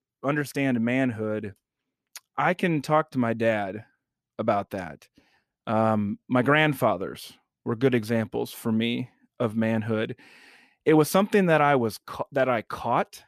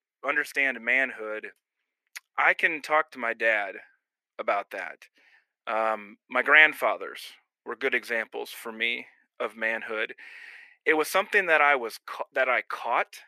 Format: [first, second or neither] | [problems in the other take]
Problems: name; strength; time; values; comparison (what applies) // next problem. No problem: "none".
first | thin; very; fading below 400 Hz